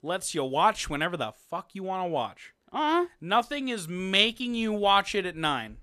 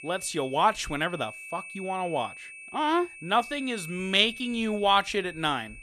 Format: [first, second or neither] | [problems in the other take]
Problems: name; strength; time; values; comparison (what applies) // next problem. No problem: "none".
first | high-pitched whine; noticeable; throughout; 2.5 kHz, 15 dB below the speech